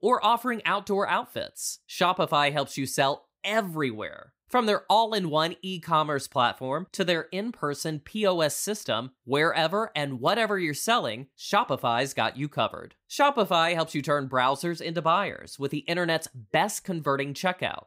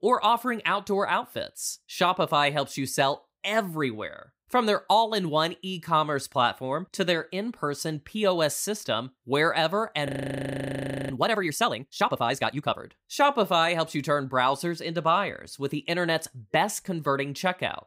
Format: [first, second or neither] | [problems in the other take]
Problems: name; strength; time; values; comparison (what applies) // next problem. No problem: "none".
first | audio freezing; at 10 s for 1 s